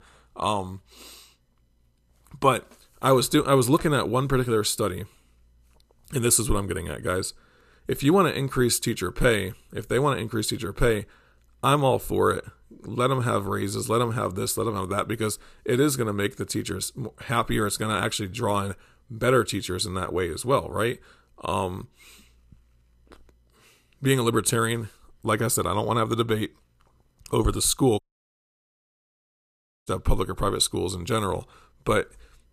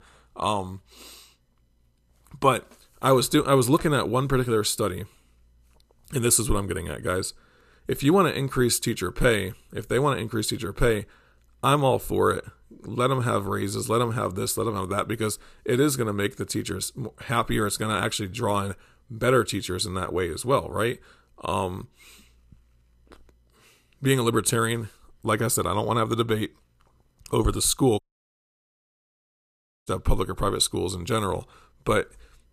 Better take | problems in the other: neither | audio cutting out; at 28 s for 2 s; the same in both

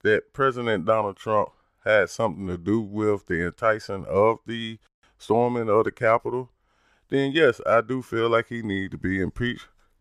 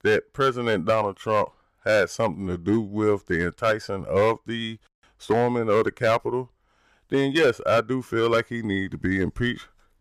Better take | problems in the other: first | distortion; slight; 4% of the sound clipped

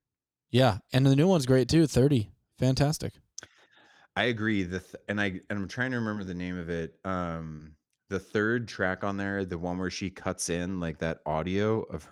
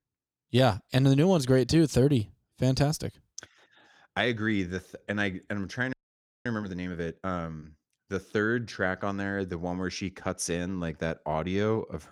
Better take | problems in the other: first | audio freezing; at 6 s for 0.5 s

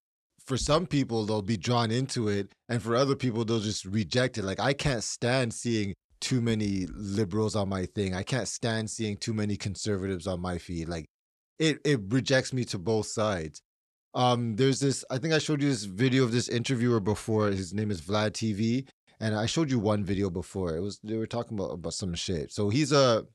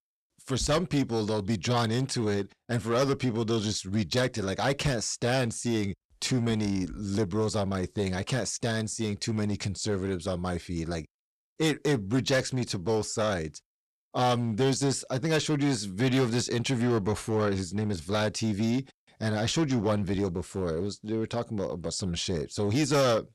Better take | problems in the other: first | distortion; slight; 6% of the sound clipped

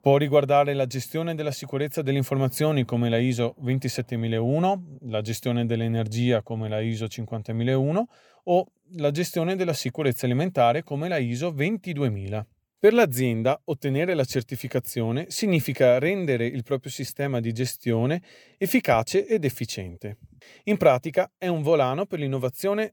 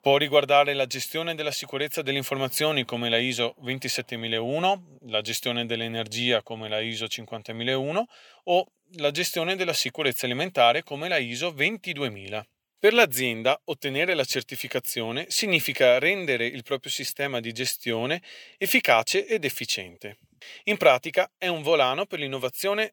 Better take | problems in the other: first | thin; somewhat; fading below 750 Hz

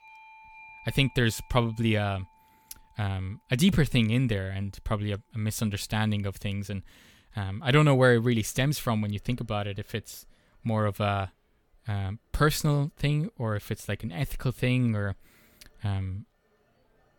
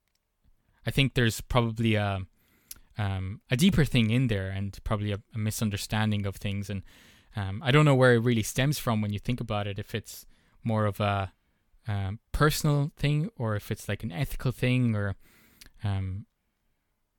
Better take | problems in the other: second | alarms or sirens; faint; throughout; 25 dB below the speech

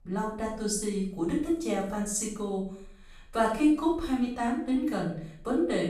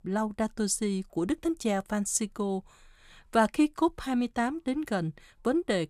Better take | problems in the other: second | off-mic speech; far // room echo; noticeable; dies away in 0.5 s

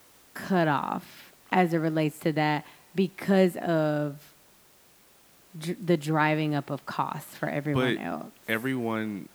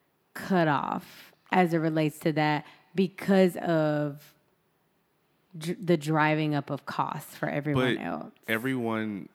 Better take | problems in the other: second | hiss; faint; throughout; 30 dB below the speech

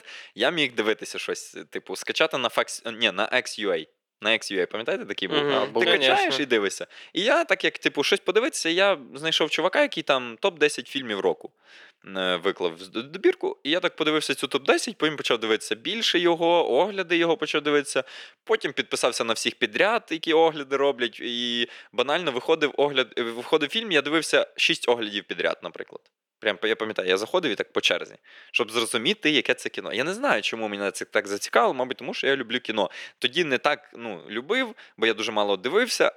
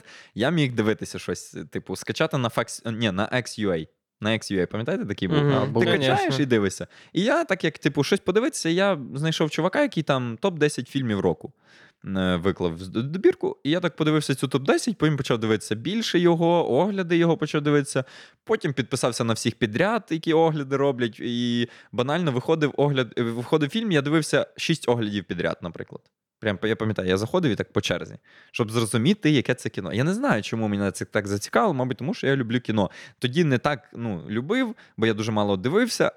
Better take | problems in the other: second | thin; somewhat; fading below 450 Hz

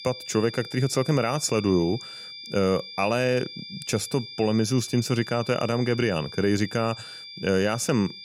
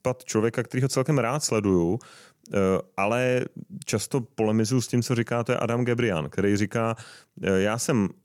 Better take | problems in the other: second | high-pitched whine; noticeable; throughout; 5 kHz, 15 dB below the speech

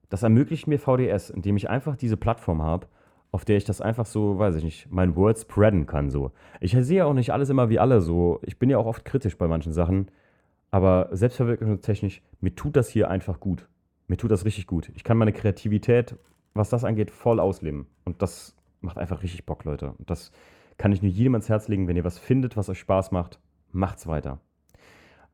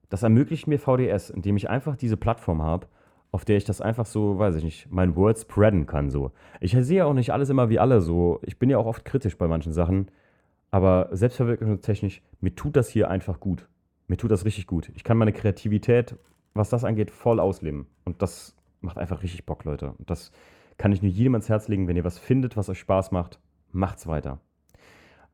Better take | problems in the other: neither | muffled; slightly; fading above 1.5 kHz; the same in both

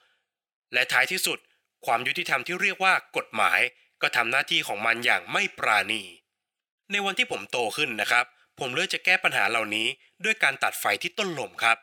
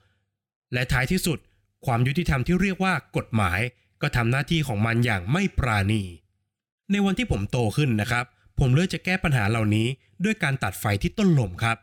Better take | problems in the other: second | thin; very; fading below 650 Hz

